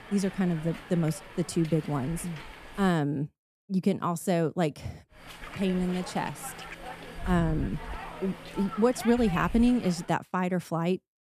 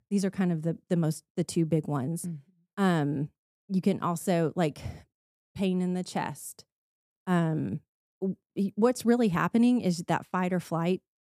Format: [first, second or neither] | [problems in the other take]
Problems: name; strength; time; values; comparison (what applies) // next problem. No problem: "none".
second | hiss; noticeable; until 3 s and from 5 to 10 s; 15 dB below the speech